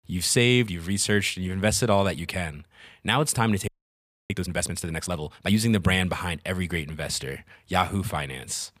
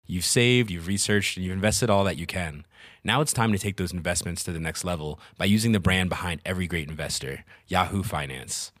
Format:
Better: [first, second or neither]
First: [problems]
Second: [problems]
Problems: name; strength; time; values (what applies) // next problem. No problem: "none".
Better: second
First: audio freezing; at 3.5 s for 0.5 s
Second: none